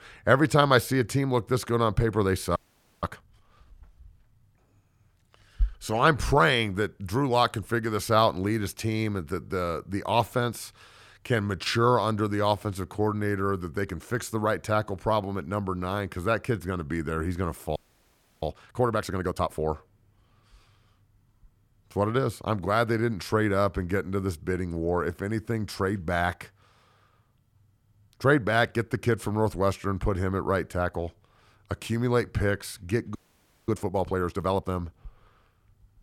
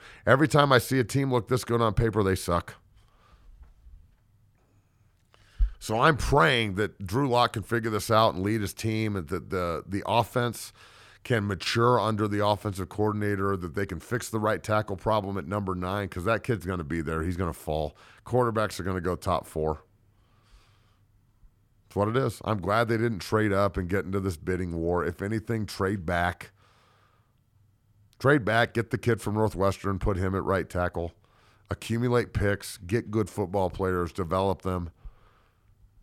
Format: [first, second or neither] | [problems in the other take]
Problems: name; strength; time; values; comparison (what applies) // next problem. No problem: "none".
second | audio freezing; at 2.5 s, at 18 s for 0.5 s and at 33 s for 0.5 s